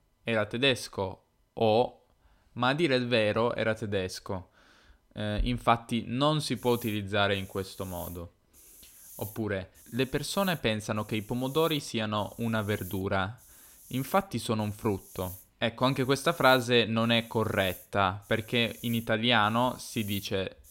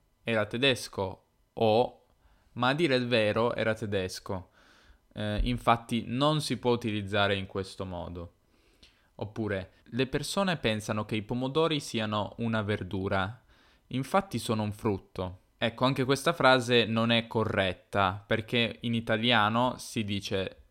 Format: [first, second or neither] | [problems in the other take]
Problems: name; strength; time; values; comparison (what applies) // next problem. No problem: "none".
second | hiss; noticeable; from 6.5 s on; 20 dB below the speech